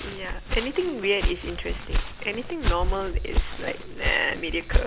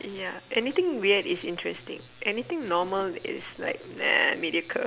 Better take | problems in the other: second | background sound (Walk, footsteps); 2 dB above the speech

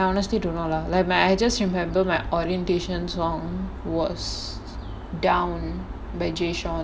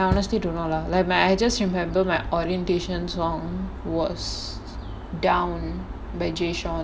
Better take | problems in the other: first | background sound (Bass drum); 9 dB below the speech

